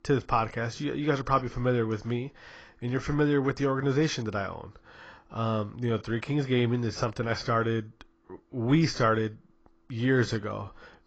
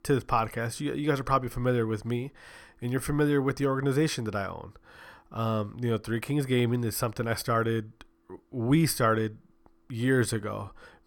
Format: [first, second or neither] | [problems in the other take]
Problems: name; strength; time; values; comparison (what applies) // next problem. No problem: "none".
second | garbled, watery; badly; nothing above 7.5 kHz